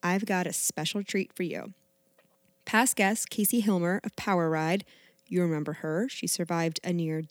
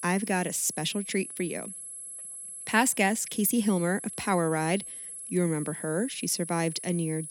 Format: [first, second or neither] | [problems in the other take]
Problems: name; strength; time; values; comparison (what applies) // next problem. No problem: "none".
first | high-pitched whine; loud; throughout; 11 kHz, 9 dB below the speech